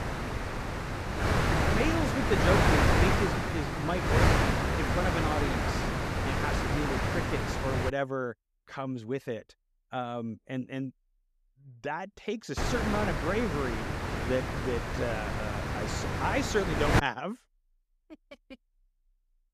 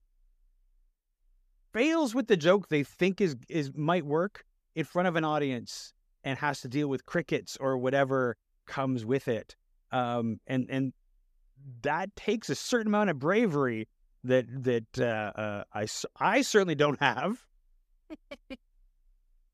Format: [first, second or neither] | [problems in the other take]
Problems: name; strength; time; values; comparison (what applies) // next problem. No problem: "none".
second | wind noise on the microphone; heavy; until 8 s and from 13 to 17 s; 4 dB above the speech